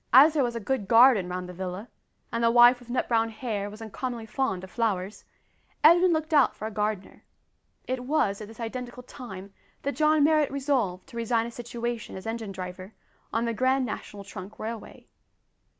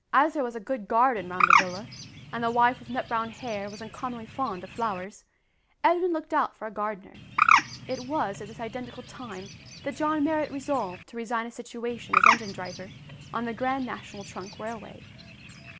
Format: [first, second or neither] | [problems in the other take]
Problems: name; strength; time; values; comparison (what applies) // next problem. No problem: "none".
first | background sound (Bird); 1 dB above the speech